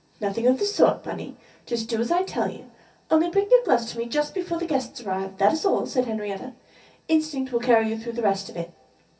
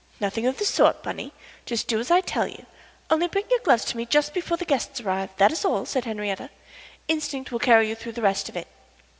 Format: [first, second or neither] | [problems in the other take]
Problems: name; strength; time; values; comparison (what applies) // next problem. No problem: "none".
second | room echo; dies away in 0.3 s